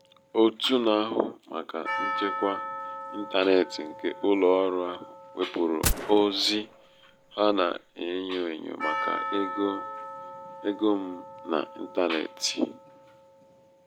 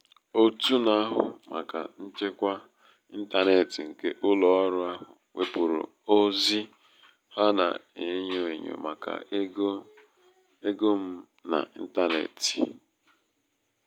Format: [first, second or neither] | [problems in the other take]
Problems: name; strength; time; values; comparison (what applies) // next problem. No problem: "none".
second | background sound (Percussion + Gunshot, gunfire); 8 dB below the speech